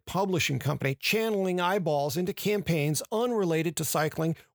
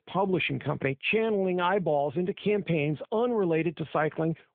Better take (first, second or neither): first